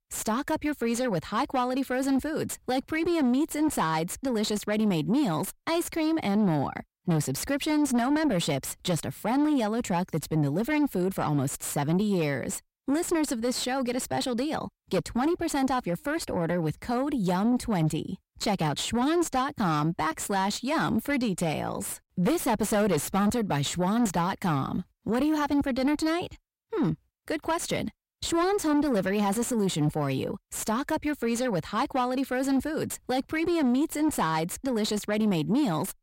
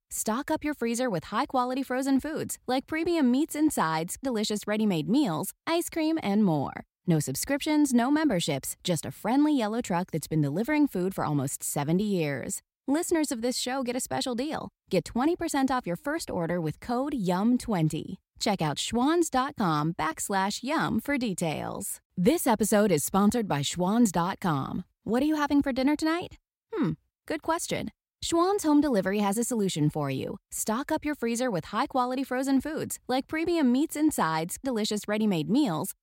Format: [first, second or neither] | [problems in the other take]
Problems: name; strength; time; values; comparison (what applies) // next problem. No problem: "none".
second | distortion; slight; 10 dB below the speech